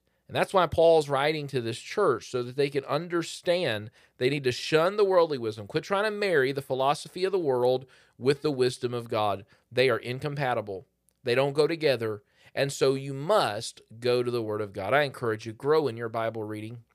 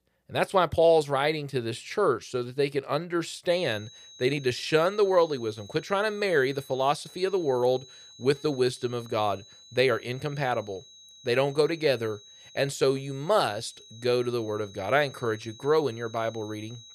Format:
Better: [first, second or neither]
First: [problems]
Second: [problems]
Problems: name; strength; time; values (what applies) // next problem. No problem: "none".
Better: first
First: none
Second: high-pitched whine; faint; from 3.5 s on; 4 kHz, 20 dB below the speech